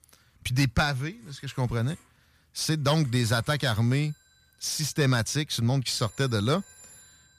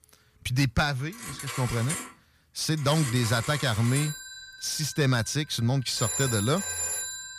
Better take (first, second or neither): first